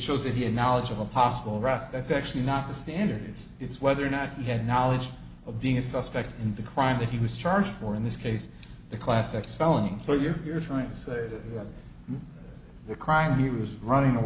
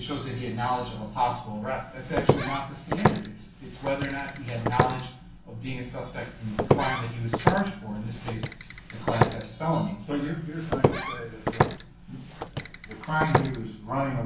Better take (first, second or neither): first